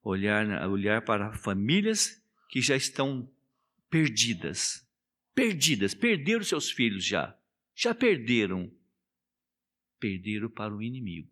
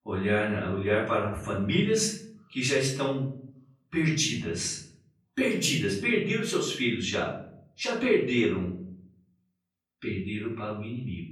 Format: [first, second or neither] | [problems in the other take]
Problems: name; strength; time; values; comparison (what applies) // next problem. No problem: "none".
first | off-mic speech; far // room echo; noticeable; dies away in 0.6 s